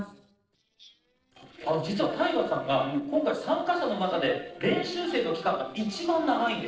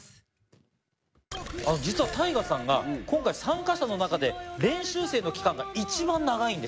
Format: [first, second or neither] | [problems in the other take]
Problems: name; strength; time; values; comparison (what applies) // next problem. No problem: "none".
second | noise reduction (neural separator model SepFormer DNS4)